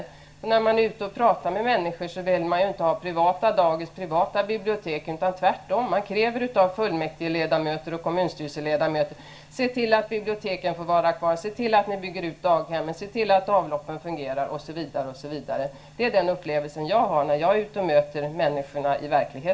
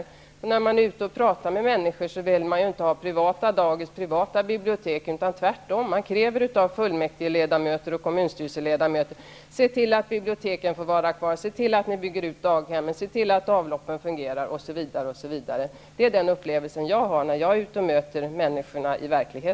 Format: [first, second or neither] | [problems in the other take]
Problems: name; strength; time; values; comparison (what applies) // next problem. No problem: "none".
second | room echo; dies away in 0.3 s